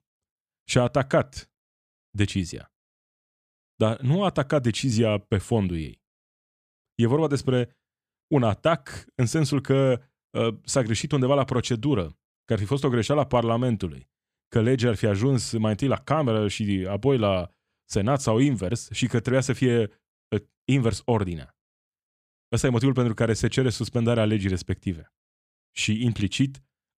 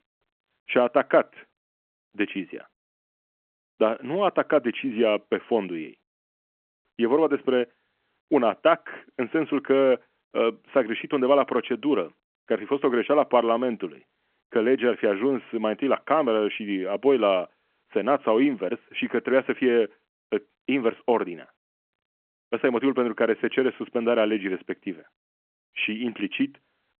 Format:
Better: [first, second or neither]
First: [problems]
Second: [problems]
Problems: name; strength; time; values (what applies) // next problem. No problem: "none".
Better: first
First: none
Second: phone-call audio